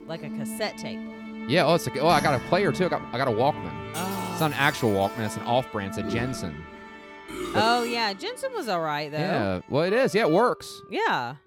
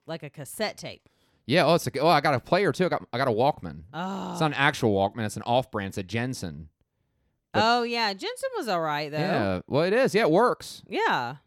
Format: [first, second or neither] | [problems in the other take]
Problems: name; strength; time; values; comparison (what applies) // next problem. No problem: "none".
second | background music; noticeable; throughout; 10 dB below the speech